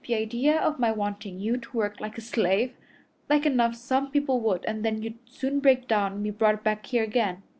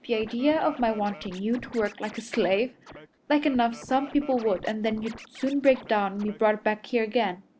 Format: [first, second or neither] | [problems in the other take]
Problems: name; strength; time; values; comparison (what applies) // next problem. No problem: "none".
first | background sound (Scratching (performance technique)); 18 dB below the speech